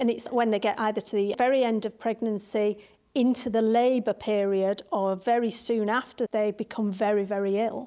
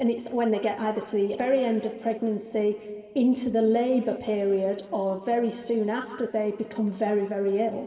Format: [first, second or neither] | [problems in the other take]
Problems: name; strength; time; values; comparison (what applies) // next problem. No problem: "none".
first | room echo; dies away in 2 s